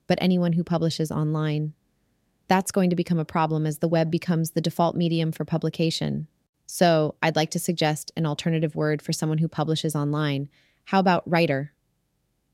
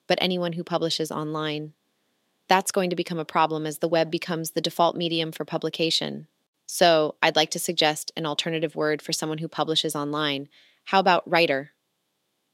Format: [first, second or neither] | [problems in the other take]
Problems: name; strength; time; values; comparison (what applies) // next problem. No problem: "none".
first | thin; somewhat; fading below 300 Hz